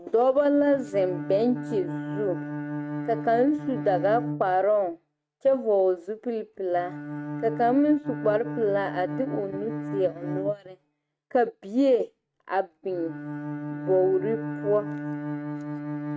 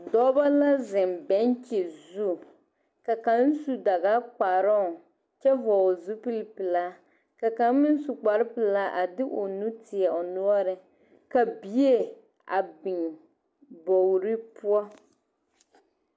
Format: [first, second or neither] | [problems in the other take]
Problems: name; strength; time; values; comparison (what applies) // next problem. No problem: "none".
second | noise reduction (neural mask model RNNoise)